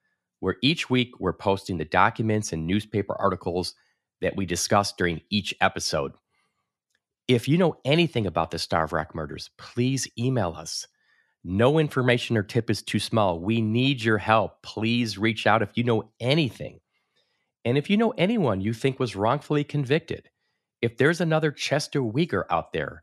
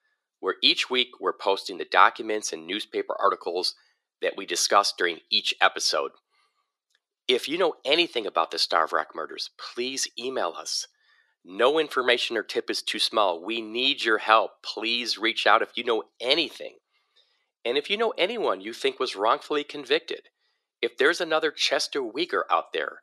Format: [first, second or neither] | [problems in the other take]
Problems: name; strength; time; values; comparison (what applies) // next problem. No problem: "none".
first | thin; very; fading below 350 Hz